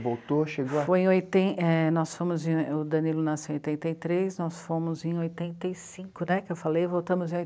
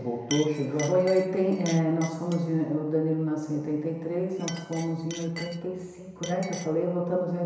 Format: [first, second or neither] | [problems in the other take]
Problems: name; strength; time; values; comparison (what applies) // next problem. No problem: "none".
first | background sound (Chink, clink); 17 dB below the speech // room echo; dies away in 1 s